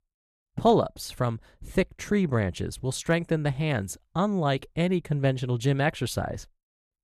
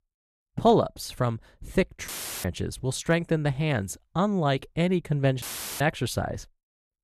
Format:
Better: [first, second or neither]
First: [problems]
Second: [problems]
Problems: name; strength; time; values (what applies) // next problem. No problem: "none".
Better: first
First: none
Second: audio cutting out; filled with static; at 2 s and at 5.5 s